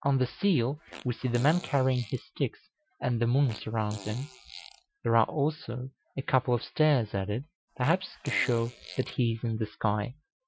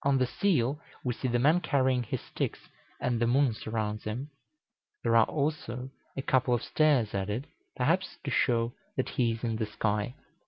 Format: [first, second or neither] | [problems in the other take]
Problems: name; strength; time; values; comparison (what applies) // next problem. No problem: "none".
second | noise reduction (classical method Wiener filter)